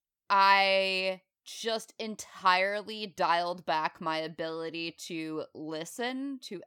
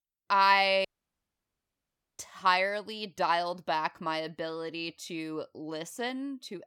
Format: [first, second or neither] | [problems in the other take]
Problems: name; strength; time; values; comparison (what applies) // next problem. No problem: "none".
first | audio cutting out; at 1 s for 1.5 s